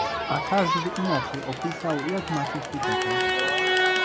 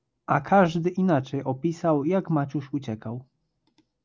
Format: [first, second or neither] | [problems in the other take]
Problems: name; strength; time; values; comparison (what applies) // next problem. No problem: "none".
second | background sound (Crowd); 4 dB above the speech